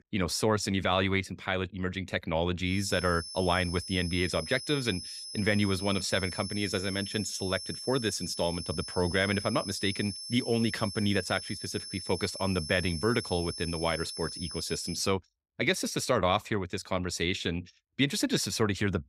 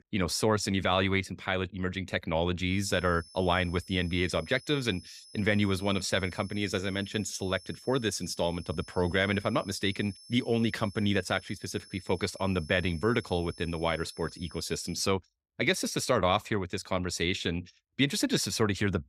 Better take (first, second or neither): second